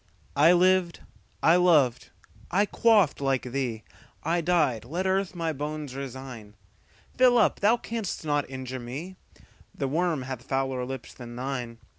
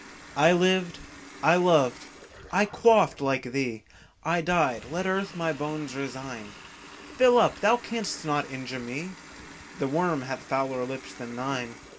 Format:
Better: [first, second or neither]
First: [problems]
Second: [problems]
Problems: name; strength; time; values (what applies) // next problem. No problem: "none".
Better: first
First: none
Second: background sound (Water tap, faucet); 19 dB below the speech // room echo; dies away in 0.2 s